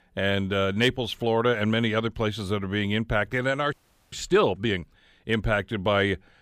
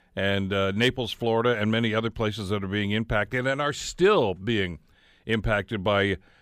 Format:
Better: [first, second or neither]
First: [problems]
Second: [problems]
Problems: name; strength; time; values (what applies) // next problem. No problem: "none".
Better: second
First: audio freezing; at 3.5 s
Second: none